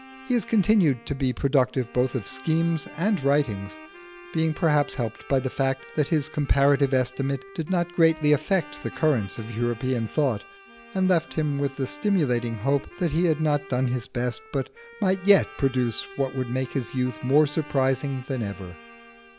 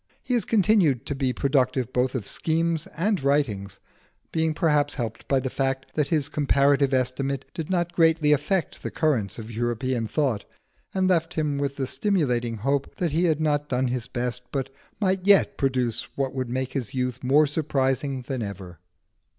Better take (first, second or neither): second